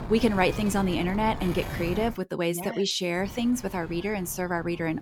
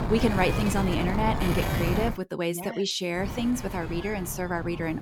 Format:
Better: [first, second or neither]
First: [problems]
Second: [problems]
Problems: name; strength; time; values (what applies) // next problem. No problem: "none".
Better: first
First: wind noise on the microphone; occasional gusts; until 2 s and from 3 s on; 10 dB below the speech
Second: wind noise on the microphone; heavy; until 2 s and from 3 s on; 4 dB below the speech